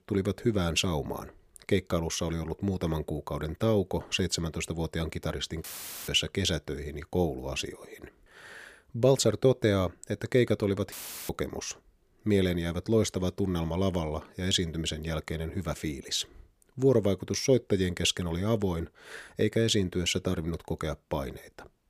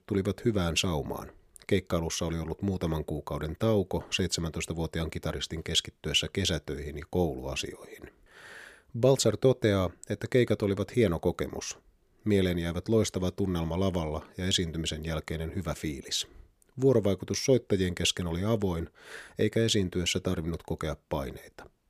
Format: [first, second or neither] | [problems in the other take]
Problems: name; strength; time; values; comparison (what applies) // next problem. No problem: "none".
second | audio cutting out; filled with static; at 5.5 s and at 11 s